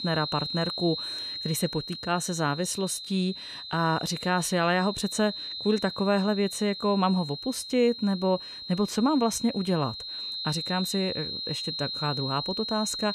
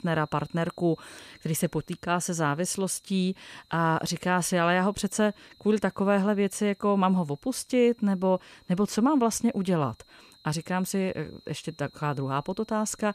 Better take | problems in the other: second | high-pitched whine; loud; throughout; 4 kHz, 6 dB below the speech; faint in the second

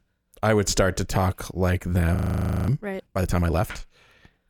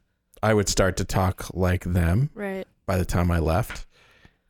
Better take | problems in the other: second | audio freezing; at 2 s for 0.5 s

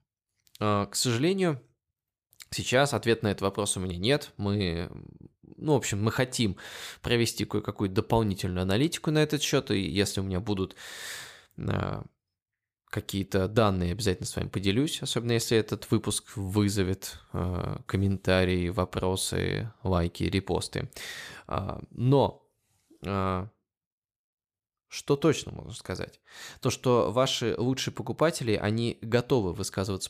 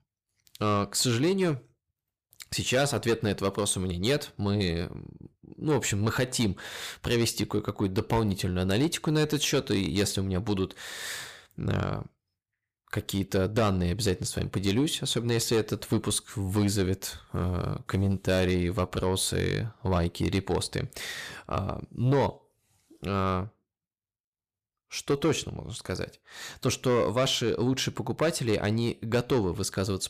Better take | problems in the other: first | distortion; slight; 10 dB below the speech

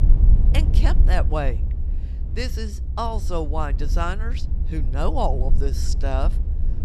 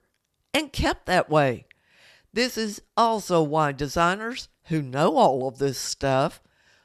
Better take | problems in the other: second | low rumble; noticeable; throughout; 15 dB below the speech

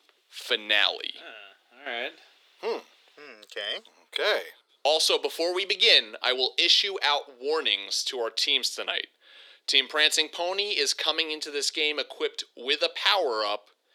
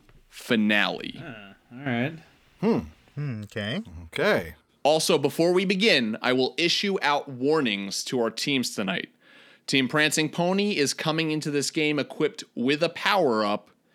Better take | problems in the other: second | thin; very; fading below 400 Hz

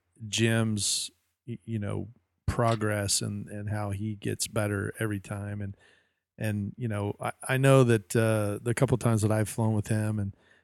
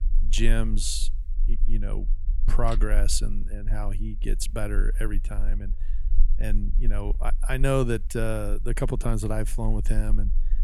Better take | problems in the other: first | low rumble; faint; throughout; 25 dB below the speech

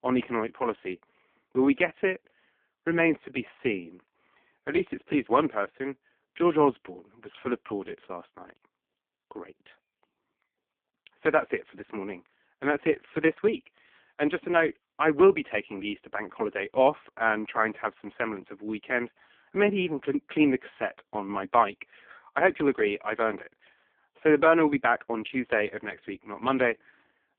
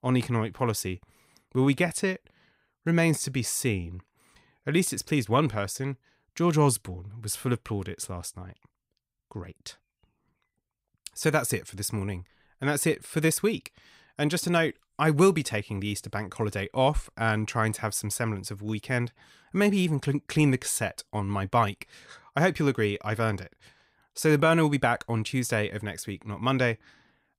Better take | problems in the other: second | phone-call audio; poor line

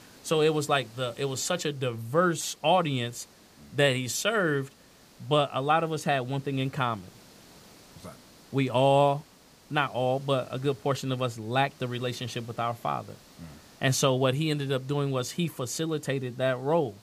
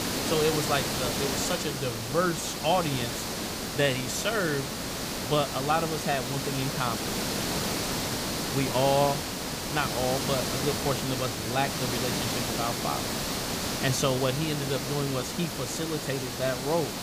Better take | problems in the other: first | hiss; loud; throughout; 1 dB below the speech; faint in the first

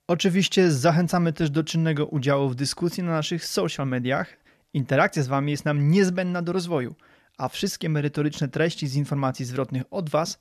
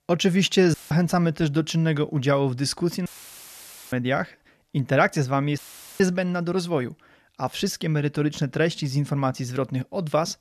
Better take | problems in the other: first | audio cutting out; filled with static; at 0.5 s, at 3 s for 1 s and at 5.5 s

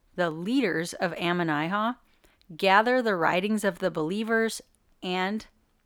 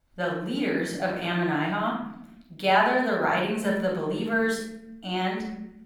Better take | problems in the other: first | off-mic speech; somewhat distant // room echo; noticeable; dies away in 0.7 s

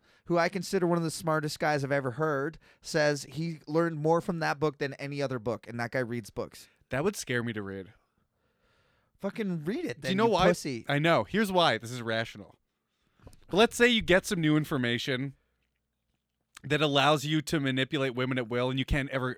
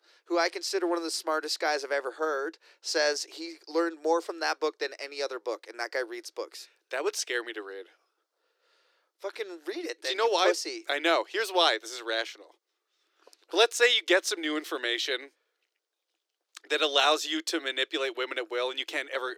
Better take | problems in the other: first | thin; very; fading below 300 Hz

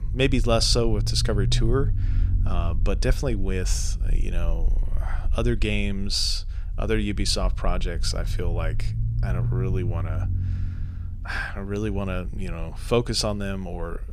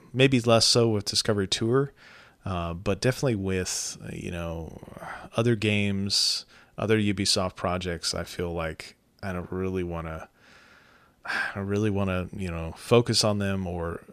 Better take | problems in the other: second | low rumble; noticeable; throughout; 15 dB below the speech

